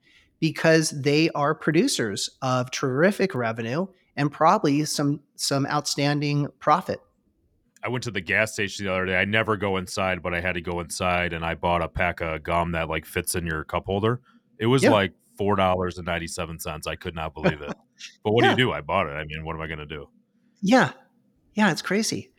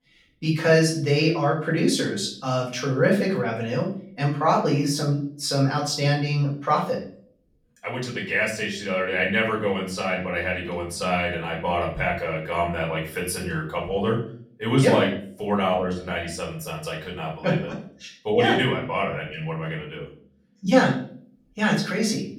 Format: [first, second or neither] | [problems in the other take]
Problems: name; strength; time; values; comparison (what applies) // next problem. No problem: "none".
first | room echo; slight; dies away in 0.4 s // off-mic speech; far